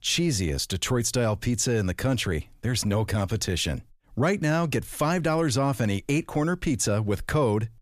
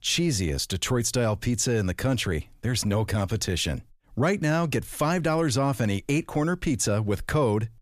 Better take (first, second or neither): neither